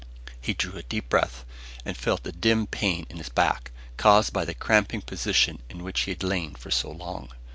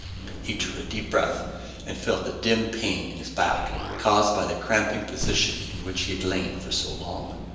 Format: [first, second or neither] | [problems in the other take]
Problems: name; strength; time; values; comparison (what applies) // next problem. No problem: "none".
first | background sound (Explosion); 10 dB below the speech // room echo; dies away in 1 s